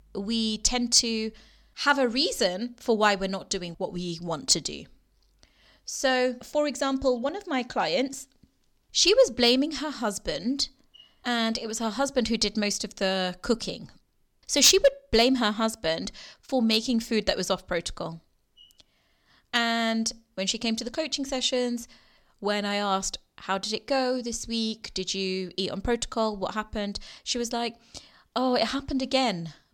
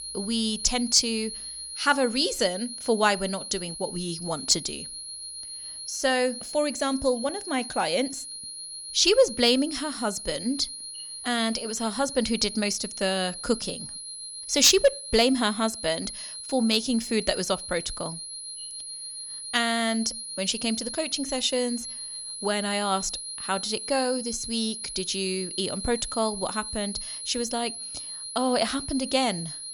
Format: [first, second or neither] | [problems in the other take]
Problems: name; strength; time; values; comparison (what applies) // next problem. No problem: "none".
first | high-pitched whine; loud; throughout; 4 kHz, 8 dB below the speech